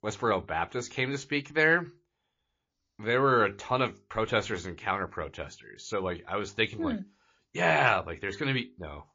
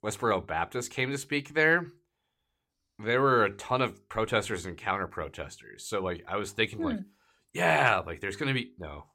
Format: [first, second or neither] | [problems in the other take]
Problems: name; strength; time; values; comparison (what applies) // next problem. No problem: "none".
second | garbled, watery; slightly